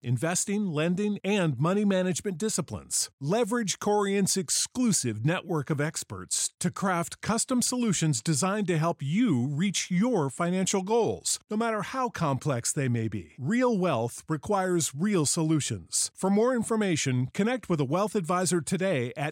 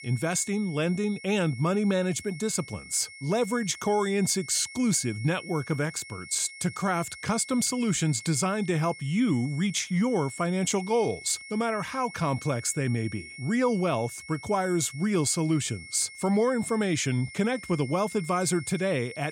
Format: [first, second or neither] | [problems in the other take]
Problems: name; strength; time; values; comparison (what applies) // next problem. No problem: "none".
first | high-pitched whine; noticeable; throughout; 2 kHz, 15 dB below the speech